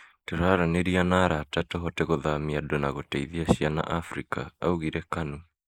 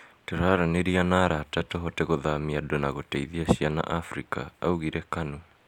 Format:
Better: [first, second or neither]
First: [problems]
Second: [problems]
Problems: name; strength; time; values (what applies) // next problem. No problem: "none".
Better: second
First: noise reduction (neural mask model Resemble Enhance denoiser)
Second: none